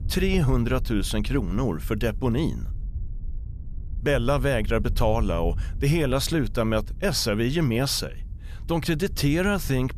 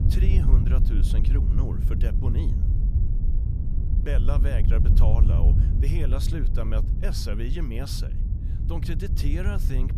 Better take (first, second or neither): first